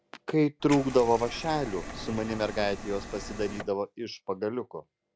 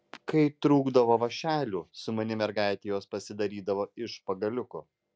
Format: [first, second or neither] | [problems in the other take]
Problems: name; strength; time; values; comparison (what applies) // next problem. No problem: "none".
second | background sound (Liquid); 11 dB below the speech